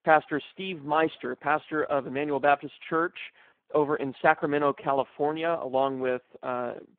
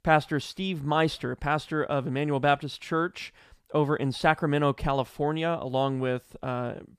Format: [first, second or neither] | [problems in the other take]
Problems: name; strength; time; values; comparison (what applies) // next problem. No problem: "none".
second | phone-call audio; poor line